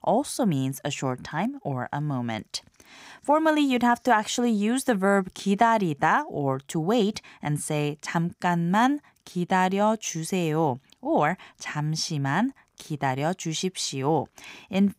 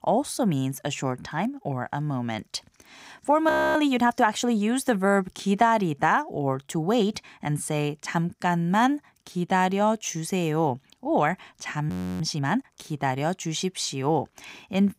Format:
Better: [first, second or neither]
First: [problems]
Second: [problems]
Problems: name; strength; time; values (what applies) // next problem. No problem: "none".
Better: first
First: none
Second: audio freezing; at 3.5 s and at 12 s